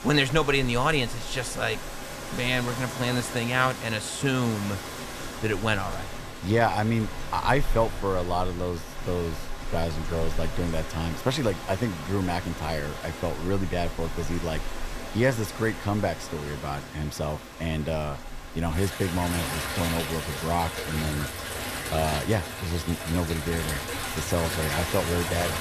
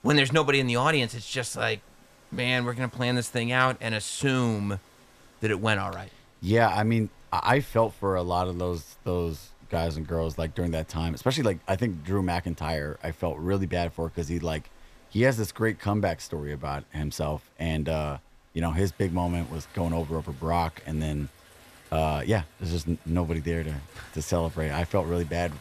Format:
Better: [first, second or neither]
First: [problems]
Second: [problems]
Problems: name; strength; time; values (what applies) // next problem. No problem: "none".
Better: second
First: rain or running water; loud; throughout; 6 dB below the speech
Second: rain or running water; faint; throughout; 25 dB below the speech